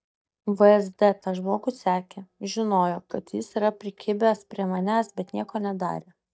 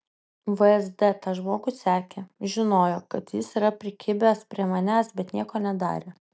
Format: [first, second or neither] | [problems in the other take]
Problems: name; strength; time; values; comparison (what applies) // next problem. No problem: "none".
second | noise reduction (neural mask model DeepFilterNet 3)